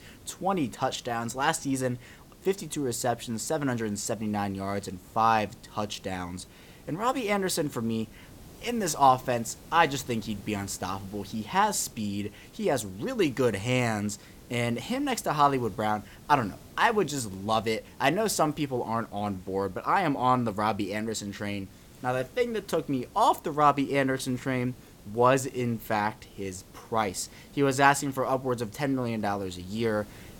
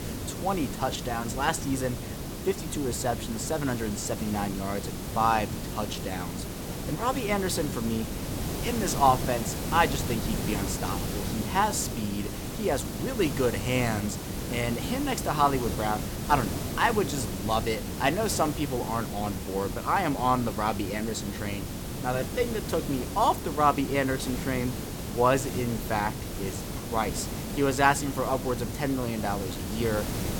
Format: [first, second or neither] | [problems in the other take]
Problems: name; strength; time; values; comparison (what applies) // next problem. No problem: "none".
first | hiss; loud; throughout; 5 dB below the speech; faint in the first